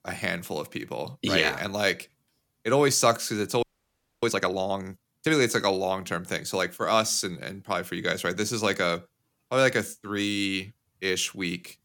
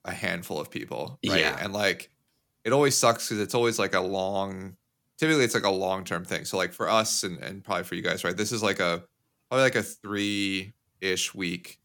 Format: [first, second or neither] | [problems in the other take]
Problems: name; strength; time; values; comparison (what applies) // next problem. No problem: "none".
second | audio freezing; at 3.5 s for 0.5 s